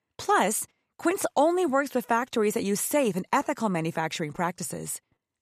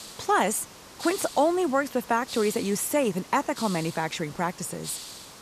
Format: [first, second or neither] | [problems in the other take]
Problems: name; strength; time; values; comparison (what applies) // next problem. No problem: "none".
first | hiss; noticeable; throughout; 15 dB below the speech